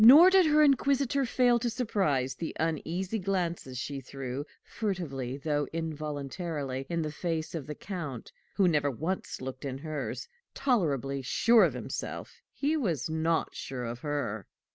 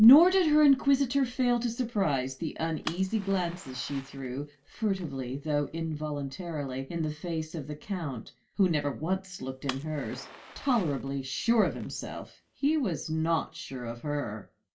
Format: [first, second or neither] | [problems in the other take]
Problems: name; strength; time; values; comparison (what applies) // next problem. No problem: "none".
first | background sound (Fire); 19 dB below the speech // room echo; dies away in 0.2 s